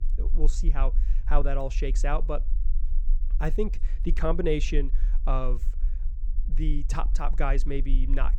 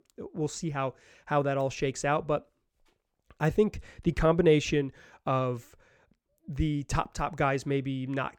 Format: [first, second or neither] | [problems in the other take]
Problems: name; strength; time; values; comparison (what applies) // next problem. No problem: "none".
second | low rumble; faint; throughout; 20 dB below the speech